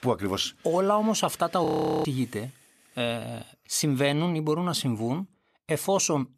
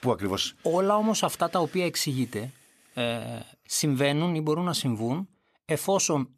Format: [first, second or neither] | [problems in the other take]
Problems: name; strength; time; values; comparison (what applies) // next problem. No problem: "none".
second | audio freezing; at 1.5 s